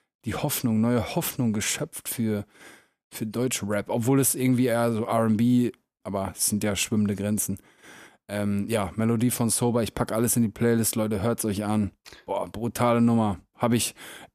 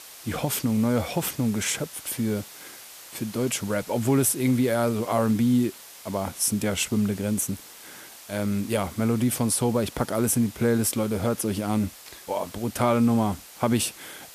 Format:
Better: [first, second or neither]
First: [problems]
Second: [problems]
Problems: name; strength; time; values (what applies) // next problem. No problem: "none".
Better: first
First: none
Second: hiss; noticeable; throughout; 15 dB below the speech